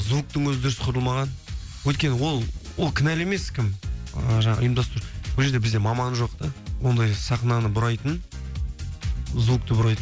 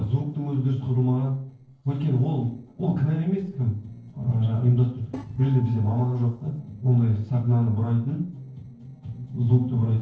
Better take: first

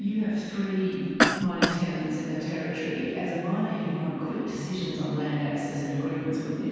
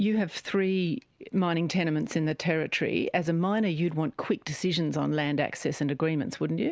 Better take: second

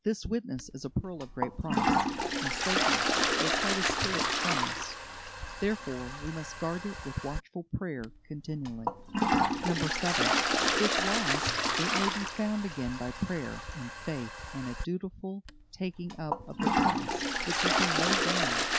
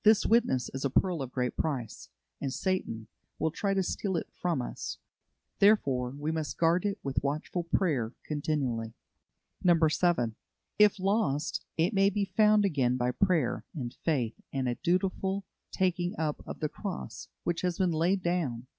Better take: second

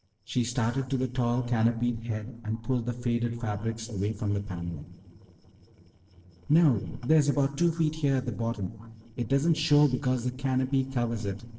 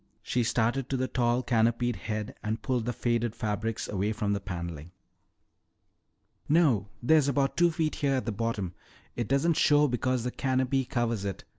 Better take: second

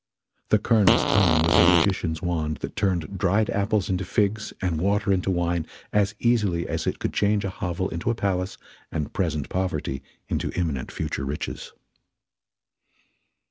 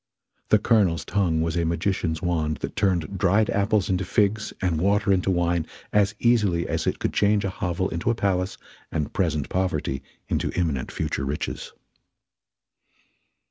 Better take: second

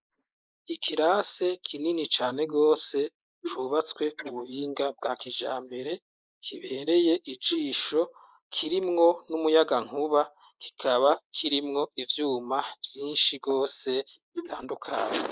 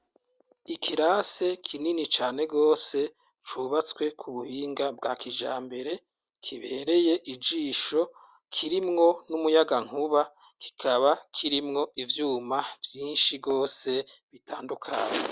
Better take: second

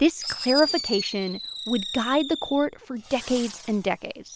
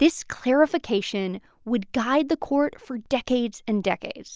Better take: second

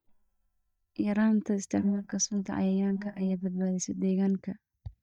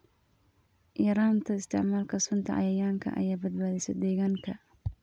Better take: second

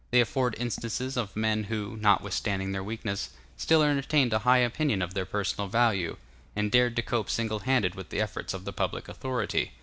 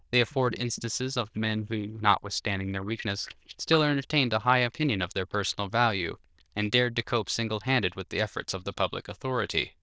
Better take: first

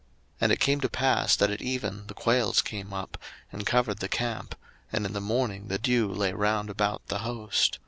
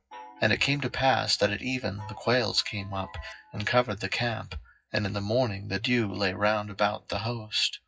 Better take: first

